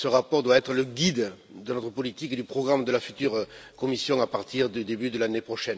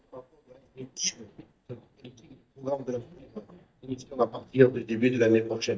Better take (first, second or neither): first